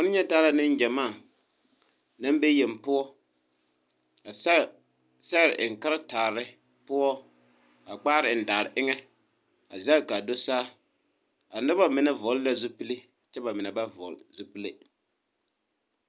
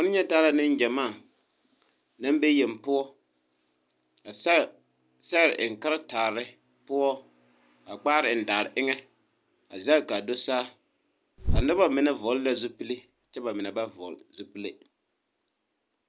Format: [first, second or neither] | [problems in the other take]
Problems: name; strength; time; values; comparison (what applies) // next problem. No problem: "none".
first | background sound (Bird); 3 dB below the speech